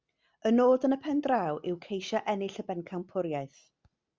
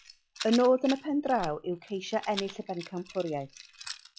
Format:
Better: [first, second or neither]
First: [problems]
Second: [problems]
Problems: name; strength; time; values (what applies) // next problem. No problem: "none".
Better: first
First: none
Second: noise reduction (classical method log-MMSE)